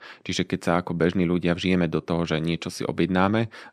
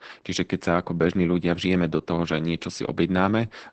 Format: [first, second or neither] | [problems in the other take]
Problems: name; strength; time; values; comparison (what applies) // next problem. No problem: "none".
first | garbled, watery; badly; nothing above 8 kHz